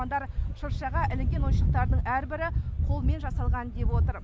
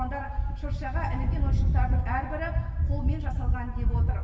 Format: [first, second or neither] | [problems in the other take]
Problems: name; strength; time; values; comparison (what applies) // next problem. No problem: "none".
first | room echo; dies away in 1.4 s